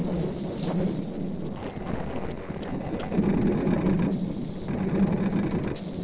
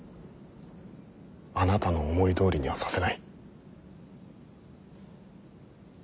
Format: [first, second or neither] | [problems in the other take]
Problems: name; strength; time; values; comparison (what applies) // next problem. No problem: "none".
second | noise reduction (neural separator model SepFormer DNS4)